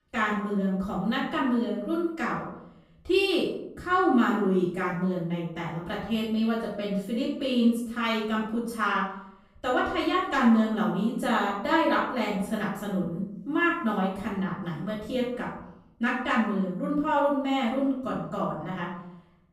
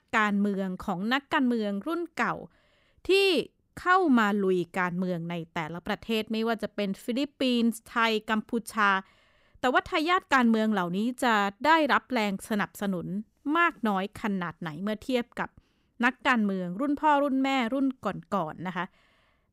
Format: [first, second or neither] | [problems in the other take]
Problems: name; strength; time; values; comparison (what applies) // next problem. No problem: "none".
second | room echo; noticeable; dies away in 0.7 s // off-mic speech; far